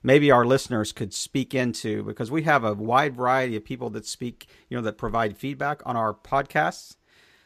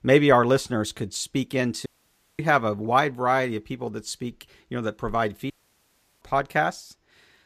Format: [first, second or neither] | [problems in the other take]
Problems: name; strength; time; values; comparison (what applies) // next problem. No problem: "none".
first | audio cutting out; at 2 s for 0.5 s and at 5.5 s for 0.5 s